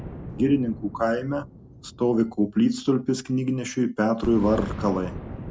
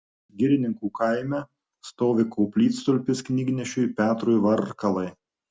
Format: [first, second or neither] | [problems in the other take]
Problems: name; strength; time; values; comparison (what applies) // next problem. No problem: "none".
second | background sound (Boom); 14 dB below the speech